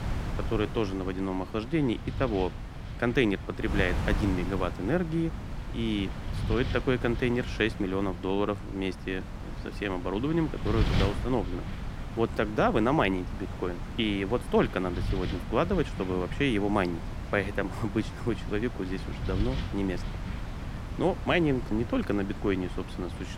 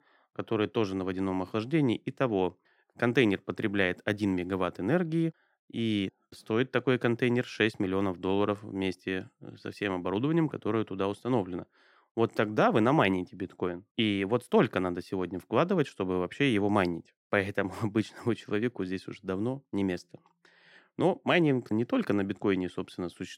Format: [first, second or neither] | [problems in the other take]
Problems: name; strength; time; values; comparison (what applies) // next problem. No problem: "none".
second | wind noise on the microphone; occasional gusts; 10 dB below the speech